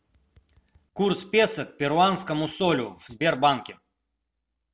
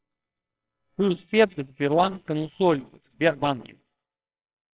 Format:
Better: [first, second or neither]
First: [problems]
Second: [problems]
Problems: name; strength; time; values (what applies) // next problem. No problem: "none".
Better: first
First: none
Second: noise reduction (neural separator model SepFormer WHAMR!)